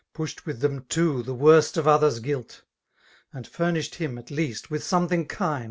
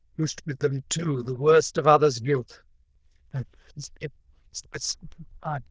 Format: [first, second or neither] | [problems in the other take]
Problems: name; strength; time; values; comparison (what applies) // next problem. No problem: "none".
first | noise reduction (neural diffusion model UNIVERSE++)